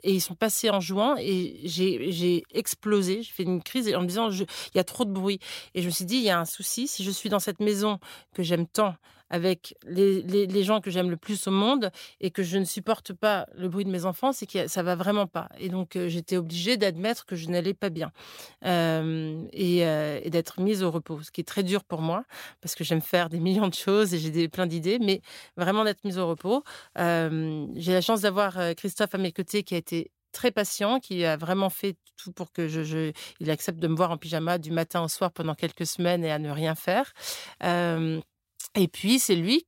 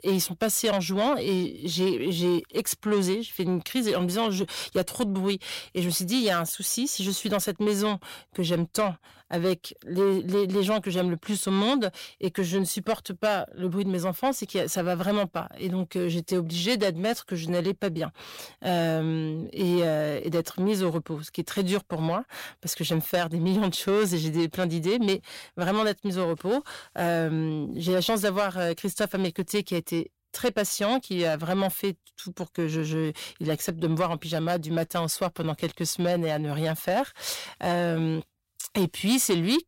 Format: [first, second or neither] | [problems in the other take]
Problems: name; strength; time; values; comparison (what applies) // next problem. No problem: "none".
first | distortion; slight; 10 dB below the speech